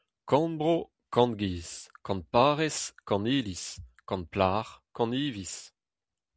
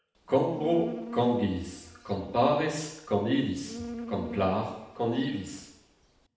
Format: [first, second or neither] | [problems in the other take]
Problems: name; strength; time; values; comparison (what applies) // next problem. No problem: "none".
first | background sound (Insect); 14 dB below the speech // room echo; dies away in 0.8 s